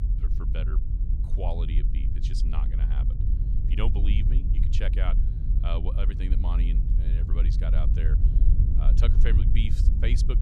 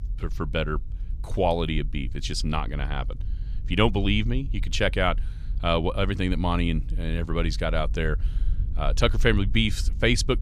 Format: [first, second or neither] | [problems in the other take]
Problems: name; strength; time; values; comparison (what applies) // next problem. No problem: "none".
second | low rumble; loud; throughout; 4 dB below the speech; faint in the second